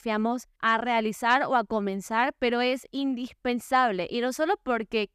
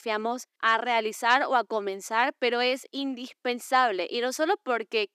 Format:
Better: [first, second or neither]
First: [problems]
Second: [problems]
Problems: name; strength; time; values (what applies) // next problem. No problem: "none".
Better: first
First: none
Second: thin; very slightly; fading below 300 Hz